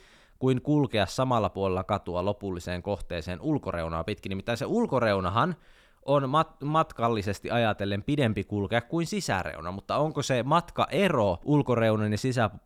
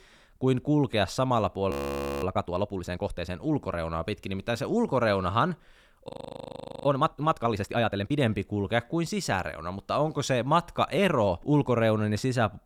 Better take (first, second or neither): first